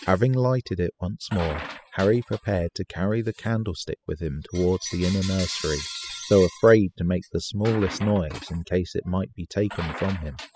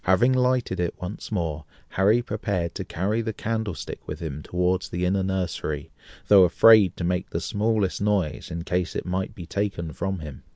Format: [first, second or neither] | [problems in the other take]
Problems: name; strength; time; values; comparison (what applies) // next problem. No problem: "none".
second | noise reduction (classical method spectral subtraction)